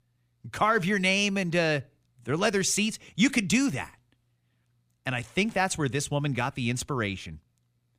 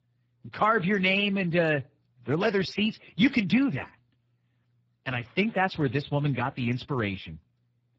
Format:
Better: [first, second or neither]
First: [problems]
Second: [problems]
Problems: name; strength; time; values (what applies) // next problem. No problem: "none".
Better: first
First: none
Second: garbled, watery; badly